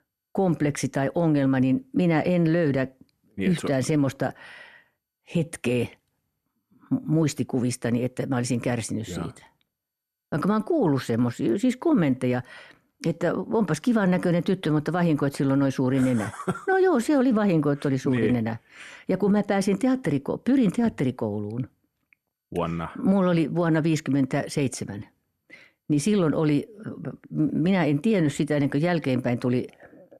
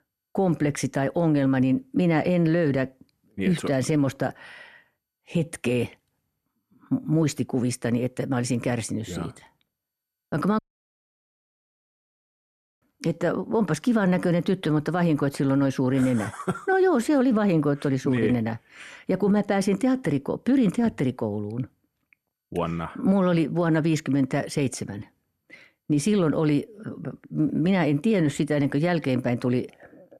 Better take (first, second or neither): first